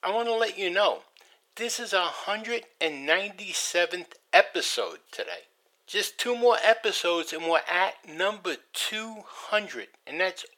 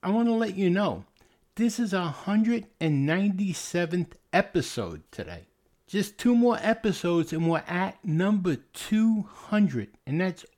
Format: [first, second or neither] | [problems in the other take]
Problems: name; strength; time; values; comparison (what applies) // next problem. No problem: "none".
second | thin; very; fading below 500 Hz